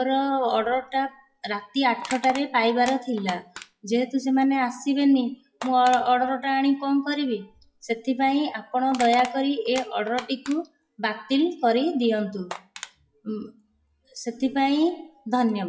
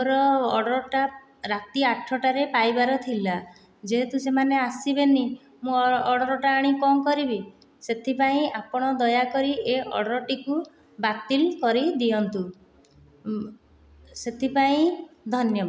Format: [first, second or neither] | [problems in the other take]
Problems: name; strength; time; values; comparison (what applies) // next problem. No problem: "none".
second | noise reduction (classical method WPE with log-MMSE)